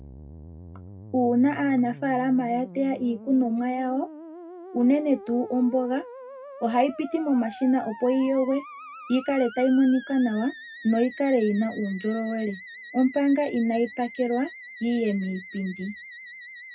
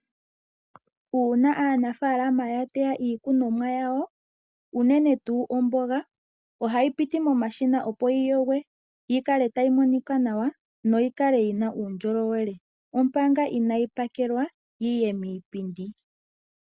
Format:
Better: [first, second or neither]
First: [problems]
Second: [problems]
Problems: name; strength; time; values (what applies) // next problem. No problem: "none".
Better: second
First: background sound (Musical instrument); 17 dB below the speech // room echo; dies away in 0.2 s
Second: none